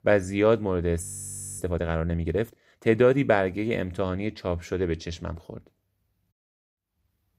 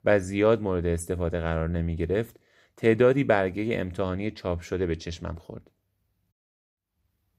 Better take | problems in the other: second | audio freezing; at 1 s for 0.5 s

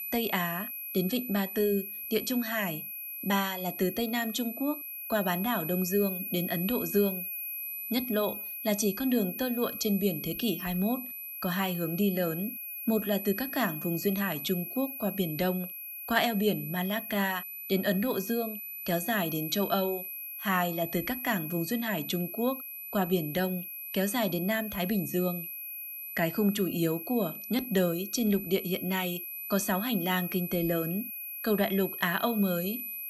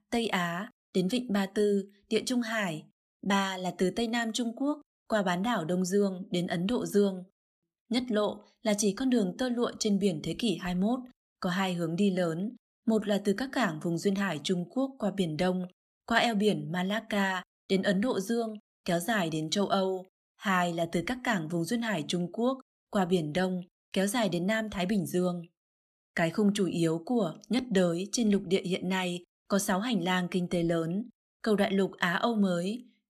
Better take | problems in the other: second | high-pitched whine; loud; throughout; 12 kHz, 6 dB below the speech

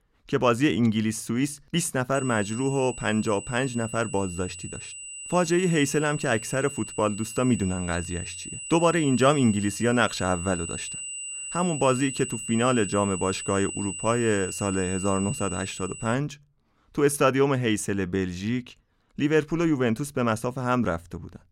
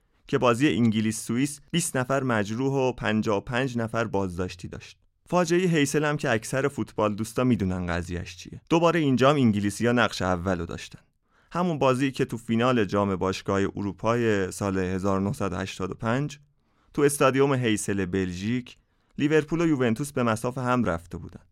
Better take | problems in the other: second | high-pitched whine; loud; from 2 to 16 s; 8 kHz, 9 dB below the speech

